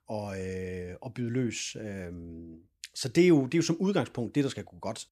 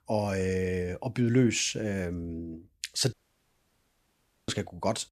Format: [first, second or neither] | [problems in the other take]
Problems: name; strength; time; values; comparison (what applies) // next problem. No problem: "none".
first | audio cutting out; at 3 s for 1.5 s